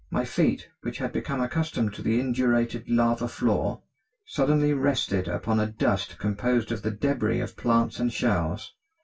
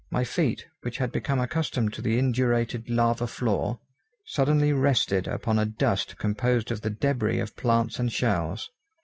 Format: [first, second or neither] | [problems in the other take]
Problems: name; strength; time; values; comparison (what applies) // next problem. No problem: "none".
second | room echo; dies away in 0.1 s